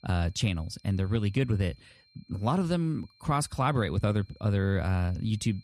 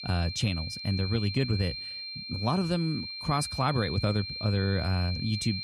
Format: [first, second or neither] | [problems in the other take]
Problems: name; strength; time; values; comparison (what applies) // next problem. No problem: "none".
first | high-pitched whine; loud; throughout; 4 kHz, 6 dB below the speech; faint in the first